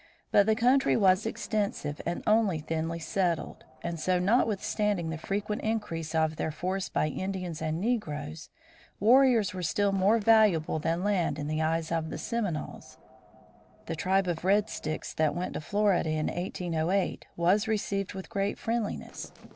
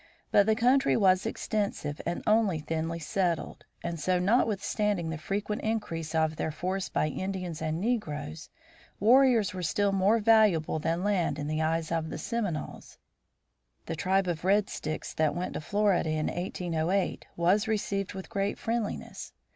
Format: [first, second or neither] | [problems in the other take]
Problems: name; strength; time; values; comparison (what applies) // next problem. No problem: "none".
second | noise reduction (neural separator model SepFormer DNS4)